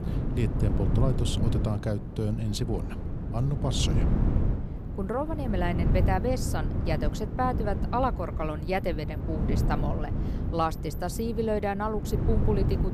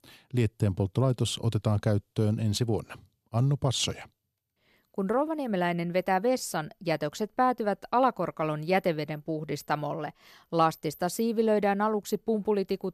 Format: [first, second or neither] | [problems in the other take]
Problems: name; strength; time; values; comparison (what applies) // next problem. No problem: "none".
second | wind noise on the microphone; heavy; 8 dB below the speech